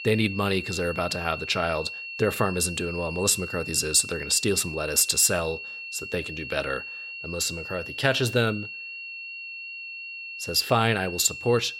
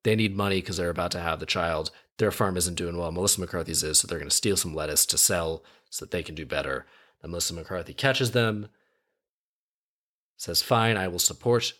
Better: second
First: high-pitched whine; loud; throughout; 2.5 kHz, 10 dB below the speech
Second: none

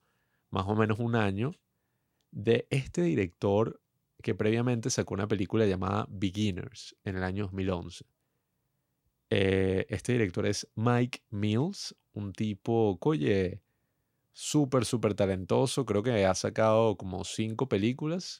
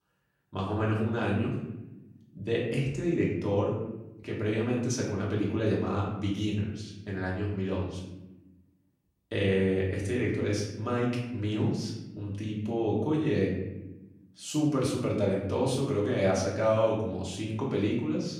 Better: first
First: none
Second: off-mic speech; far // room echo; noticeable; dies away in 0.9 s

